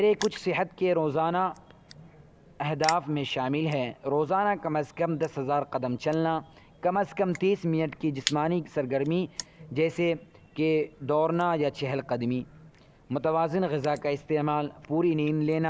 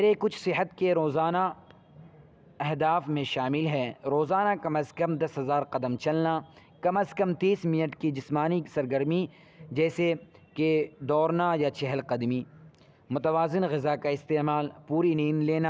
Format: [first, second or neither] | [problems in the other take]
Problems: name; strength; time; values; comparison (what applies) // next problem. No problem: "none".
second | background sound (Crushing); 18 dB below the speech